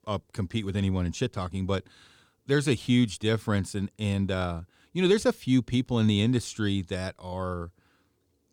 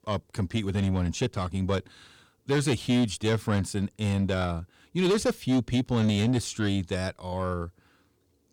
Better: first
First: none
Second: distortion; slight; 10 dB below the speech

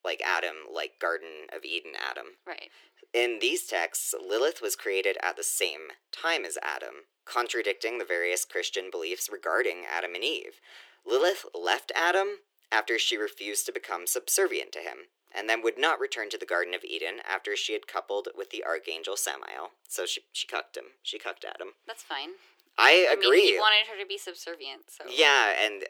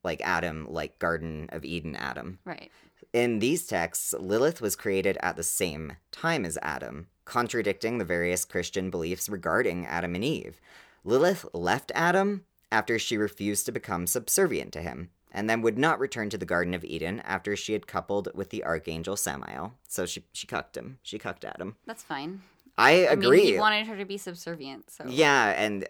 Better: second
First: thin; very; fading below 350 Hz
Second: none

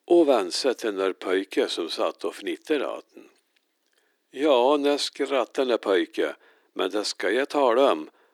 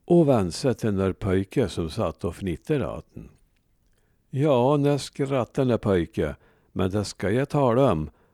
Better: second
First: thin; somewhat; fading below 300 Hz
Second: none

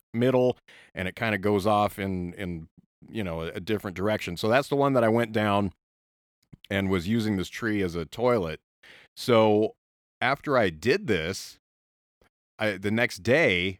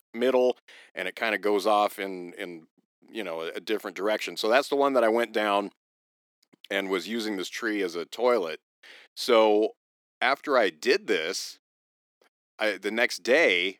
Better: first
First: none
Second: thin; somewhat; fading below 300 Hz

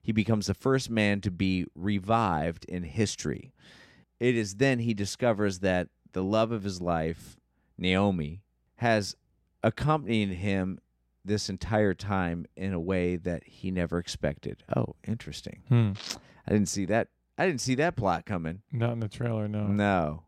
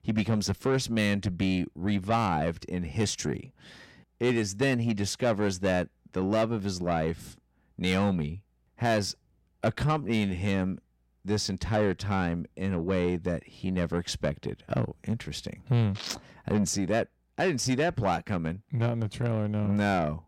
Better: first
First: none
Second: distortion; slight; 10 dB below the speech

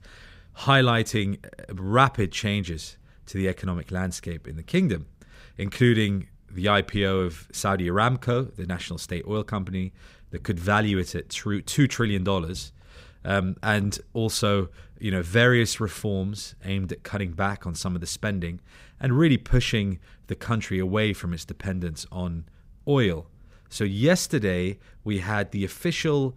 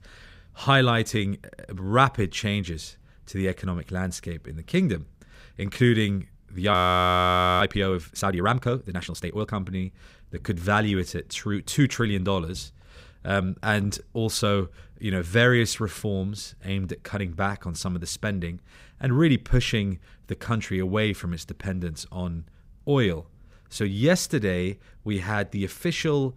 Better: first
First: none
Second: audio freezing; at 6.5 s for 1 s

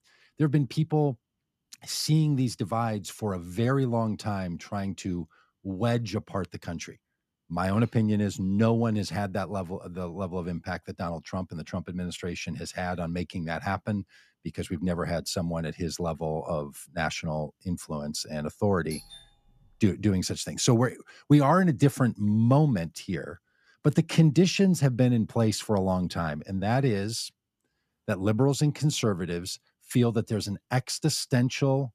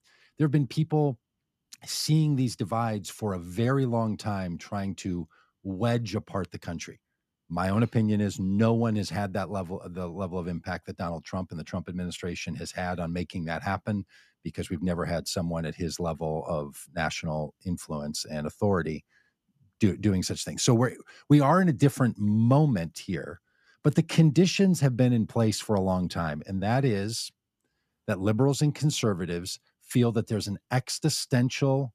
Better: second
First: doorbell; faint; at 19 s; peak 15 dB below the speech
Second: none

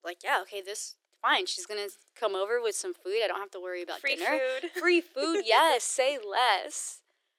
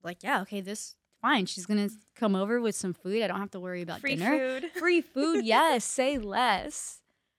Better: second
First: thin; very; fading below 350 Hz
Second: none

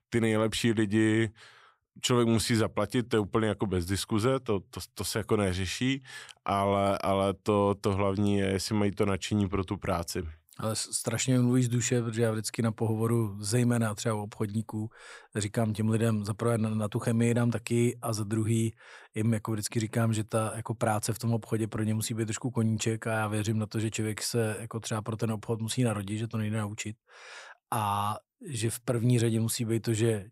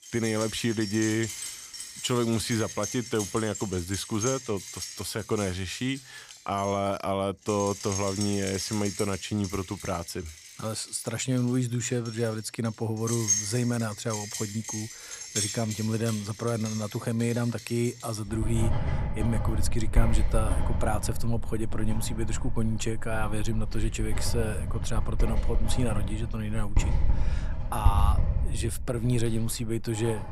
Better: first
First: none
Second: household noises; loud; throughout; 3 dB below the speech

